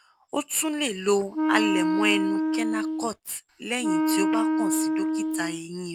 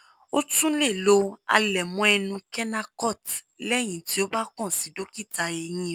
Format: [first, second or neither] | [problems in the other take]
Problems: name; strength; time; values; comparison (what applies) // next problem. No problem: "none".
second | background sound (Wind instrument, woodwind instrument); 4 dB above the speech